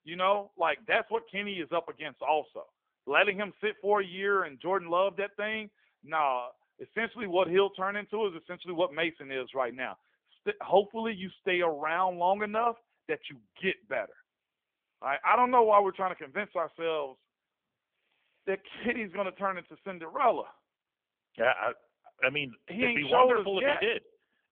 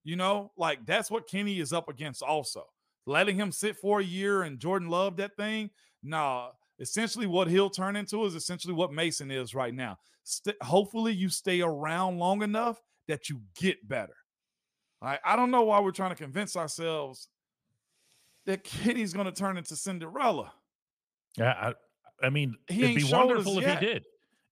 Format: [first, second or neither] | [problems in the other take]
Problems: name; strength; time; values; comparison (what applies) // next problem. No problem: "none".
second | phone-call audio; nothing above 3.5 kHz